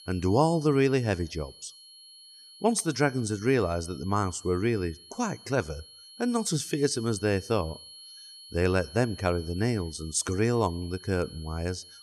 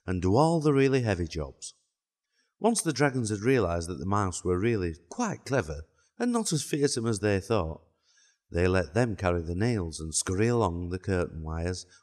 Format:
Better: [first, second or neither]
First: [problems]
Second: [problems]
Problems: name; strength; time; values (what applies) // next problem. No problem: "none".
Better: second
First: high-pitched whine; noticeable; throughout; 4.5 kHz, 20 dB below the speech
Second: none